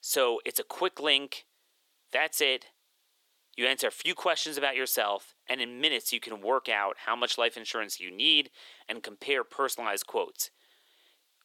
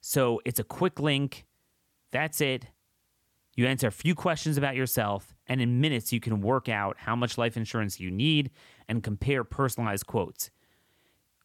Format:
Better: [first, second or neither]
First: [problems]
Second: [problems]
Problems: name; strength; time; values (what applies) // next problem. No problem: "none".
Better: second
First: thin; very; fading below 400 Hz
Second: none